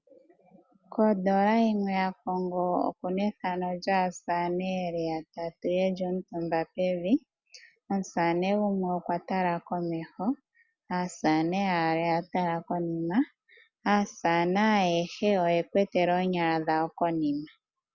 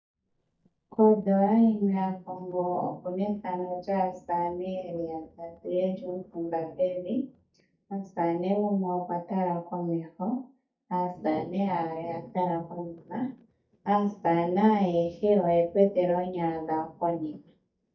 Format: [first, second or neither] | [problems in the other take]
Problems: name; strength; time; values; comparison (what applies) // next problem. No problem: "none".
first | noise reduction (neural mask model DeepFilterNet 3)